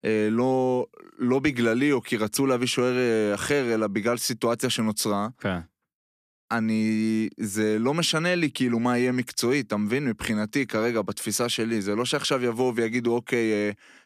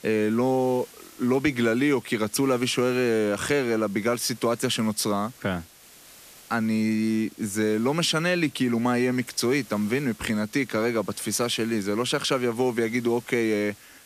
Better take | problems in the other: first | hiss; faint; throughout; 20 dB below the speech

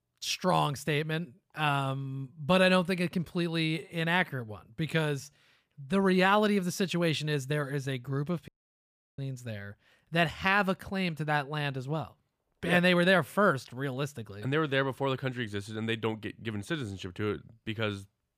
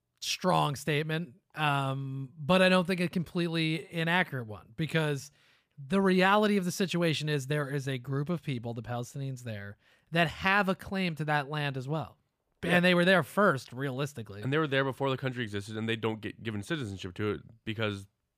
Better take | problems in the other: second | audio cutting out; at 8.5 s for 0.5 s

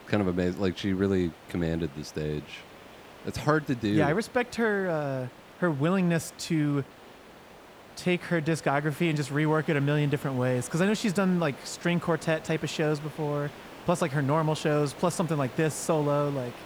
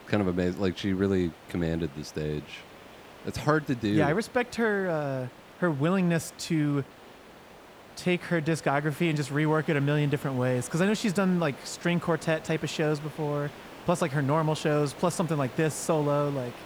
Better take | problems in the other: neither | hiss; noticeable; throughout; 20 dB below the speech; the same in both

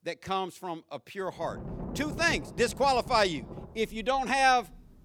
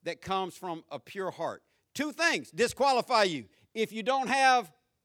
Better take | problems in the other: second | rain or running water; noticeable; from 1.5 s on; 15 dB below the speech

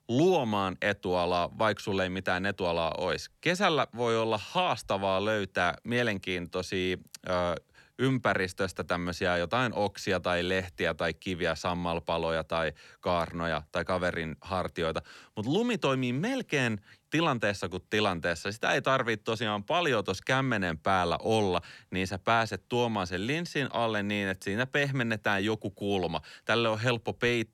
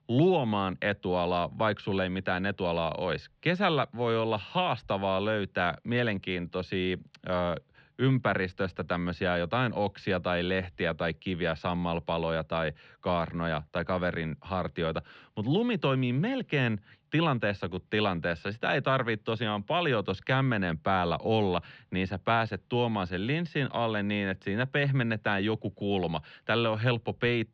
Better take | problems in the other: first | muffled; slightly; fading above 3.5 kHz

